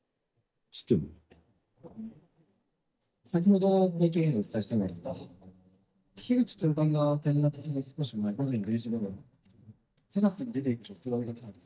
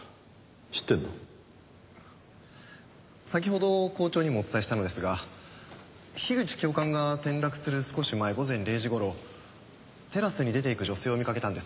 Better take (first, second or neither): second